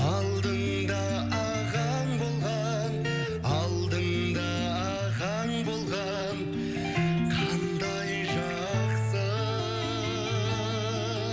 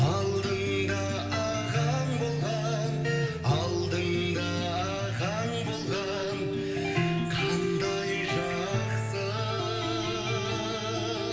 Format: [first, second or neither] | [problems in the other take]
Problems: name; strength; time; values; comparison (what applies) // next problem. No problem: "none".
first | room echo; dies away in 2.3 s